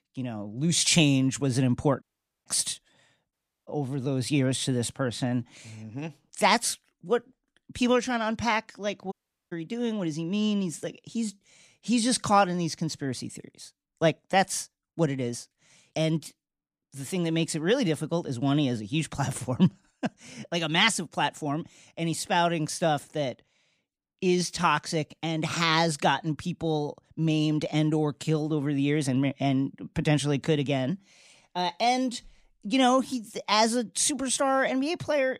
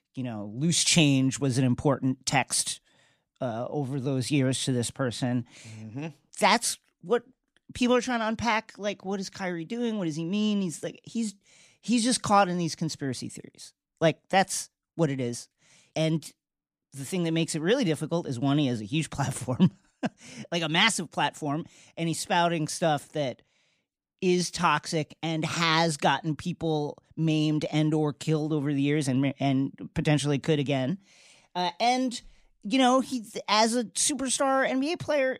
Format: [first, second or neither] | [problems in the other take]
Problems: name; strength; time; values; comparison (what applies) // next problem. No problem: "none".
second | audio cutting out; at 2 s, at 3.5 s and at 9 s